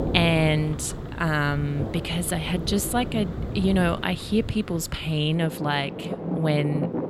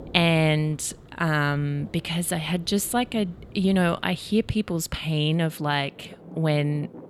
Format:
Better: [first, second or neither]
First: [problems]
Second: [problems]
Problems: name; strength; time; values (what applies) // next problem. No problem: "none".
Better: second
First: rain or running water; loud; throughout; 8 dB below the speech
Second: rain or running water; faint; throughout; 20 dB below the speech